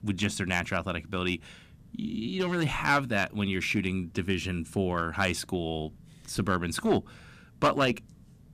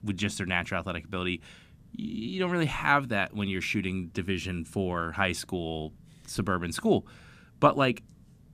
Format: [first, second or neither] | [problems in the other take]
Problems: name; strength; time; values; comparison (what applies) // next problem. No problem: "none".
second | distortion; slight; 2% of the sound clipped